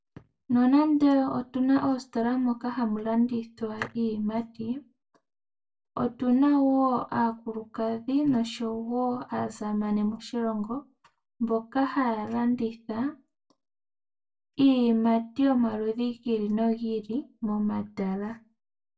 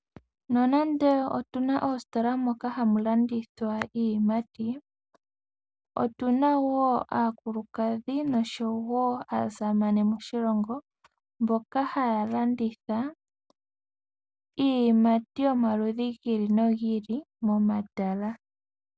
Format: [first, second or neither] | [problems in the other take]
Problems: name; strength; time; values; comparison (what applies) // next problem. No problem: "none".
second | room echo; dies away in 0.2 s